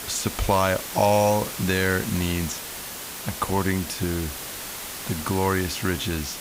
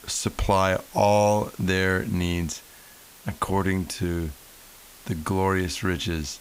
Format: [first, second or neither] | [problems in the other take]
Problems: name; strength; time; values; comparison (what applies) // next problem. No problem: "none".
second | hiss; loud; throughout; 8 dB below the speech; faint in the second